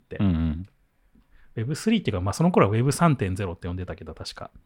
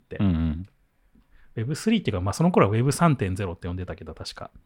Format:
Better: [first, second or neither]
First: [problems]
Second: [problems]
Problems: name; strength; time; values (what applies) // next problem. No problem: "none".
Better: neither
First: none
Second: none